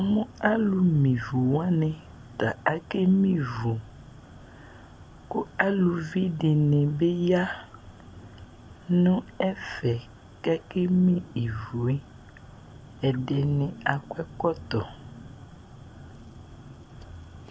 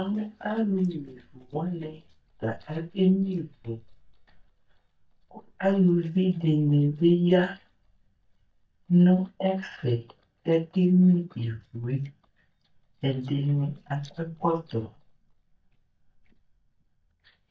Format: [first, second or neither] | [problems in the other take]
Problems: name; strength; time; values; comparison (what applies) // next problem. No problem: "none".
first | noise reduction (neural mask model DeepFilterNet 3)